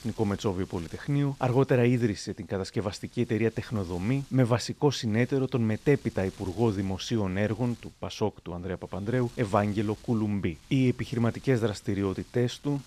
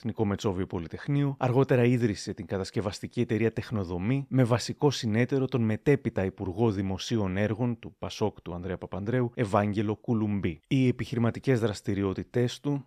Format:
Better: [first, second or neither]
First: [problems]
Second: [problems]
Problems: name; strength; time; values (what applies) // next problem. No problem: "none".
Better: second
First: wind noise on the microphone; occasional gusts; 25 dB below the speech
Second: none